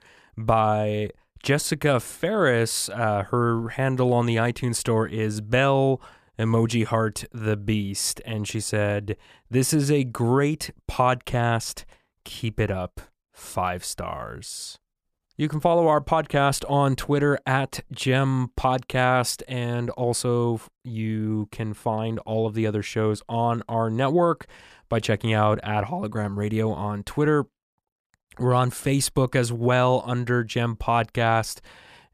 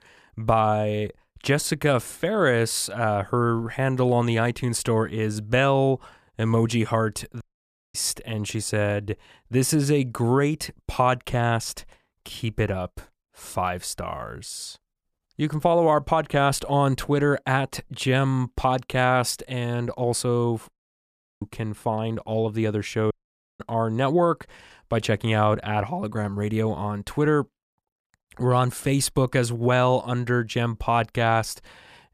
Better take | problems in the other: first | audio cutting out; at 7.5 s for 0.5 s, at 21 s for 0.5 s and at 23 s

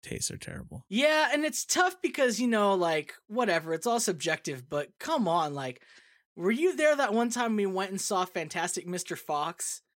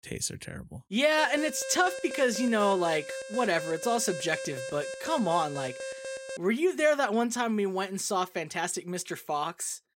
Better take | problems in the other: first | alarm; noticeable; from 1 to 6.5 s; peak 9 dB below the speech

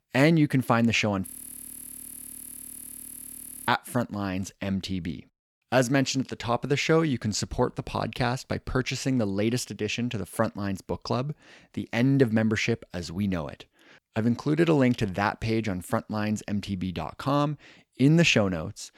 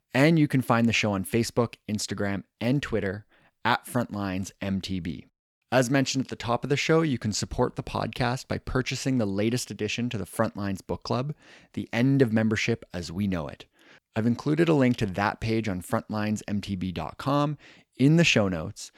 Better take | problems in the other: second | audio freezing; at 1.5 s for 2.5 s

